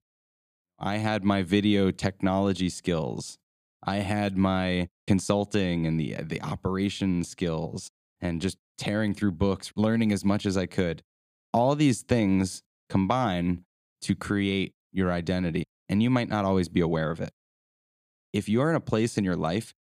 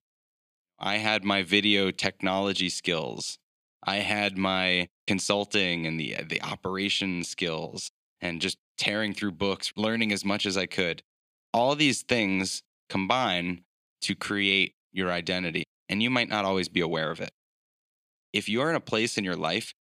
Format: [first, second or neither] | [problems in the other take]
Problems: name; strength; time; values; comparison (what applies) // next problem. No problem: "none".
first | thin; very slightly; fading below 350 Hz